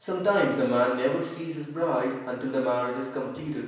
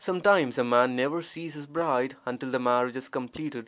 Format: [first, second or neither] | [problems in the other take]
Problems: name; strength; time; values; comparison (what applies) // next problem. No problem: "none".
second | room echo; dies away in 0.9 s